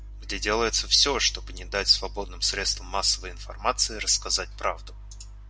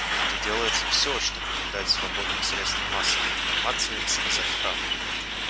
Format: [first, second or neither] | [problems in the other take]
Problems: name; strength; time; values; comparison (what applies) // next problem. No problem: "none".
first | background sound (Truck); 3 dB above the speech